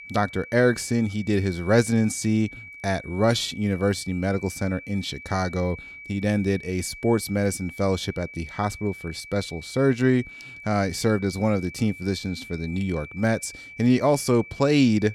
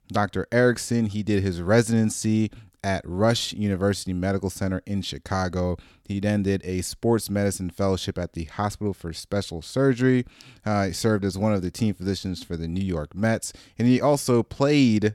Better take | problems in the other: second | high-pitched whine; noticeable; throughout; 2.5 kHz, 15 dB below the speech

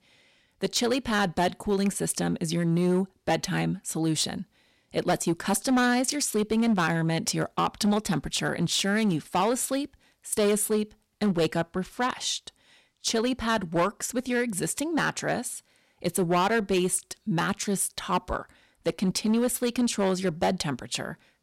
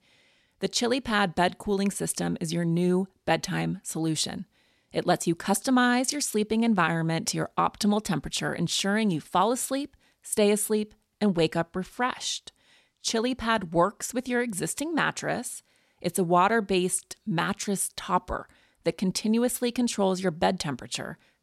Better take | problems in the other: second | distortion; slight; 6% of the sound clipped

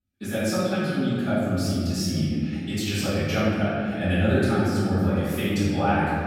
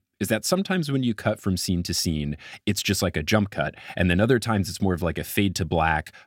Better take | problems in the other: second | off-mic speech; far // room echo; strong; dies away in 2.4 s

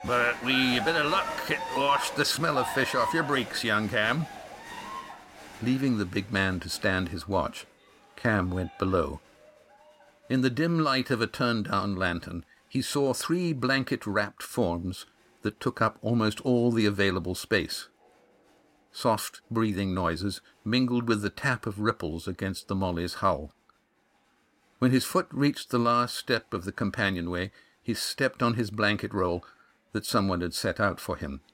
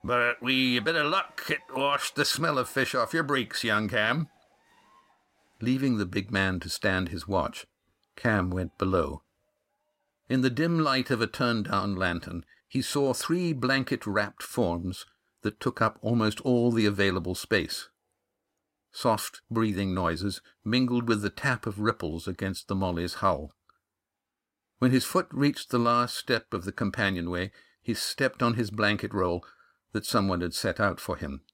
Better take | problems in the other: second | crowd noise; loud; throughout; 9 dB below the speech; faint in the second

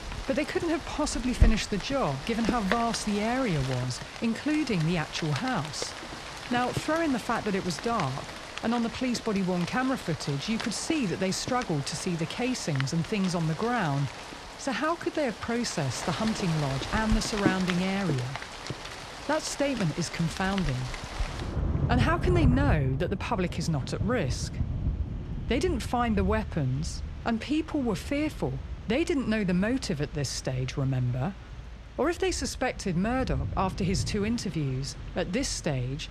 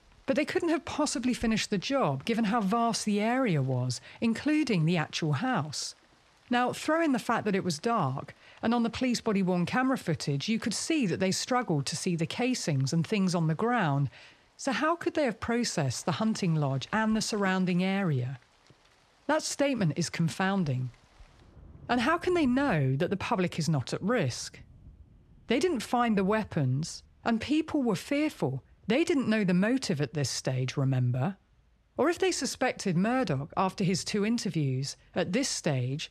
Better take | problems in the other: second | rain or running water; loud; throughout; 6 dB below the speech; faint in the second

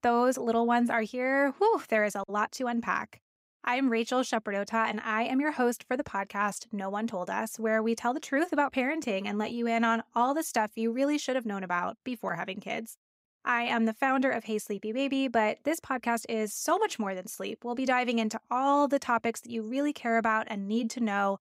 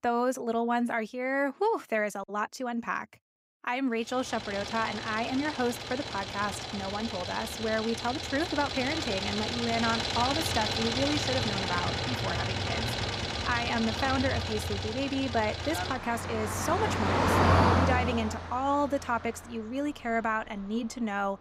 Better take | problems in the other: first | traffic noise; very loud; from 4.5 s on; 1 dB above the speech

